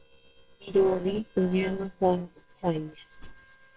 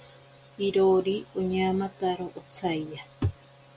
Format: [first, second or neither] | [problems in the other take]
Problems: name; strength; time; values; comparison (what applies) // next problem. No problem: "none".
second | noise reduction (neural separator model SepFormer WHAMR!)